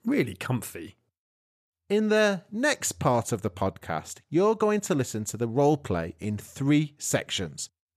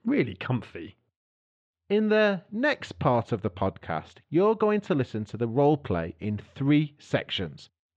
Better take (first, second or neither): first